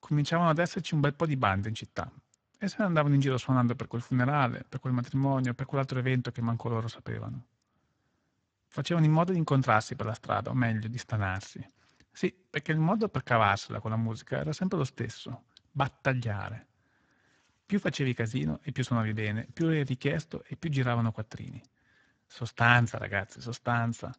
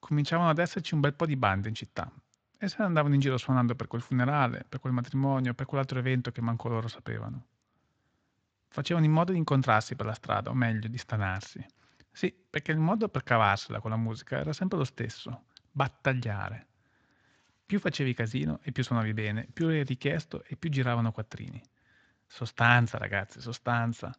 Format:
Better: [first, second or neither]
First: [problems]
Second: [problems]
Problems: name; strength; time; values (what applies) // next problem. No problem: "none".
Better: second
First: garbled, watery; badly; nothing above 7.5 kHz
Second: garbled, watery; slightly; nothing above 7.5 kHz